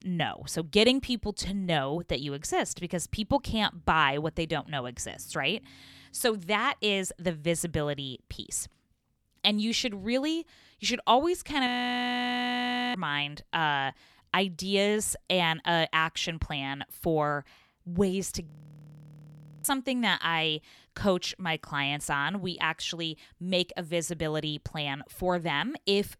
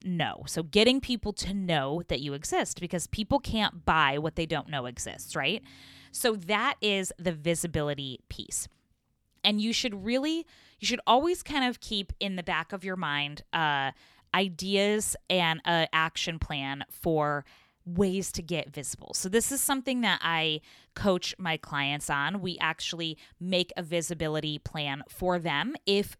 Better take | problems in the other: second | audio freezing; at 12 s for 1.5 s and at 18 s for 1 s

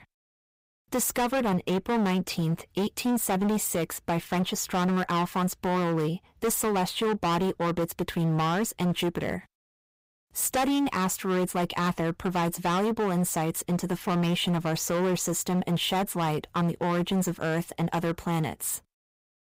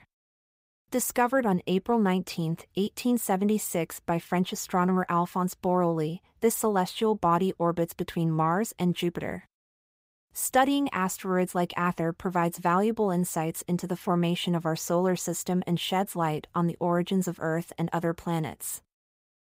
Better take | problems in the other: second | distortion; heavy; 19% of the sound clipped

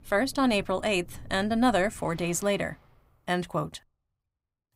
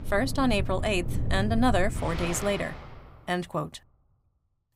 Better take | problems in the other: first | rain or running water; loud; until 2 s; 5 dB below the speech; faint in the first

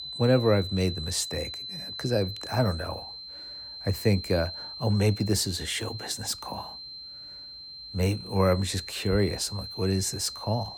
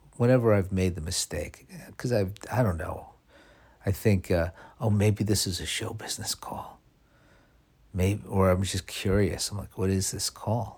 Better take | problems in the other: second | high-pitched whine; loud; throughout; 4 kHz, 10 dB below the speech

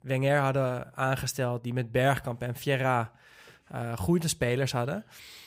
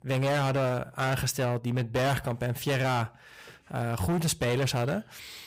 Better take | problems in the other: first | distortion; heavy; 18% of the sound clipped

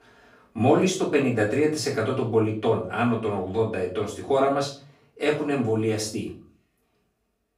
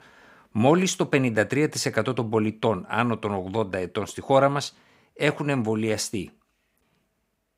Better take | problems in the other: second | room echo; slight; dies away in 0.4 s // off-mic speech; far

